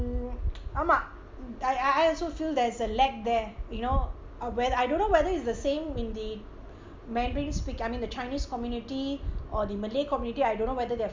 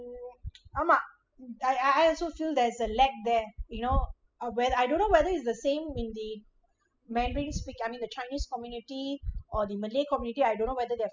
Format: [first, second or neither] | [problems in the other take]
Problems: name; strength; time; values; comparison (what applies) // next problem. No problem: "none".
first | noise reduction (classical method spectral subtraction)